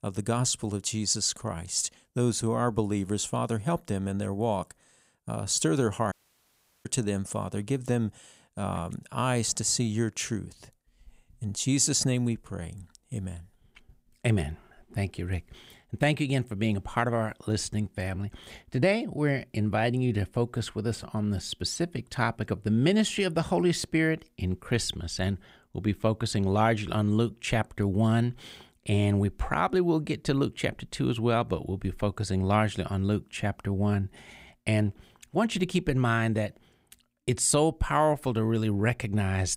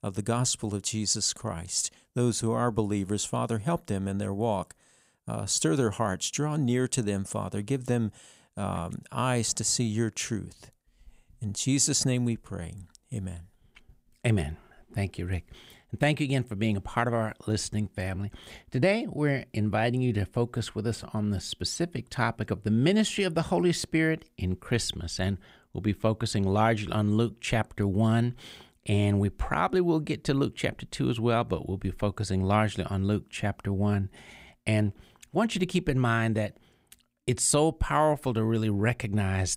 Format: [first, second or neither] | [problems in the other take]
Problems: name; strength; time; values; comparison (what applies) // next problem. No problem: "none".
second | audio cutting out; at 6 s for 0.5 s